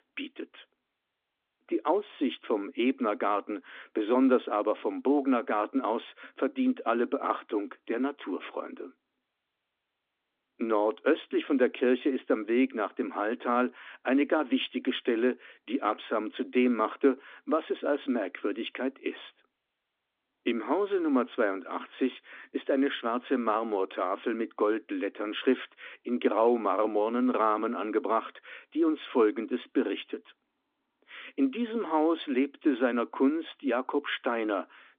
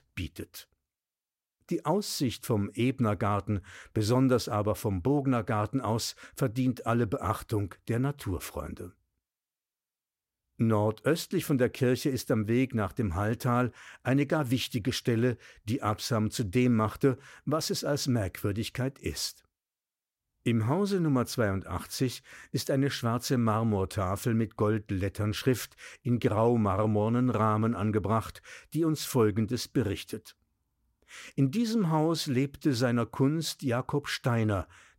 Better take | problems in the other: second | phone-call audio

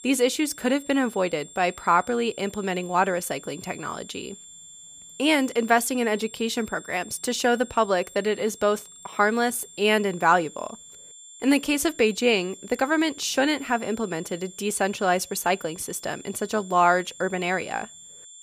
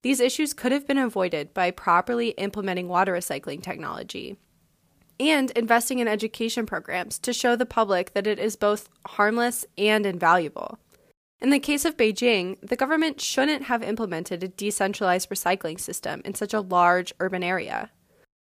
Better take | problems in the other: second | high-pitched whine; noticeable; throughout; 7.5 kHz, 20 dB below the speech

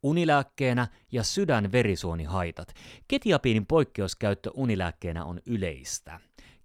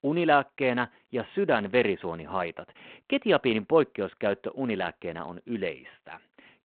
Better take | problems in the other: first | phone-call audio

